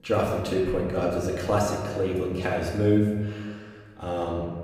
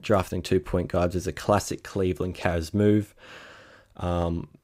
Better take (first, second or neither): second